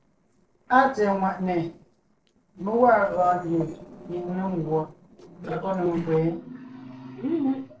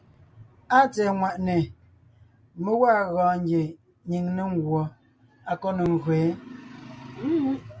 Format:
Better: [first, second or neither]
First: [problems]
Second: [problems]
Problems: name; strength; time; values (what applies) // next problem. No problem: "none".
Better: second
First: noise reduction (neural separator model SepFormer DNS4)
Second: none